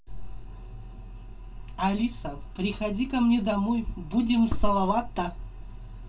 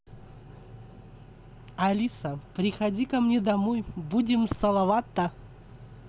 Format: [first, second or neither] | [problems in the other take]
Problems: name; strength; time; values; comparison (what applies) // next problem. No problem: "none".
second | room echo; dies away in 0.2 s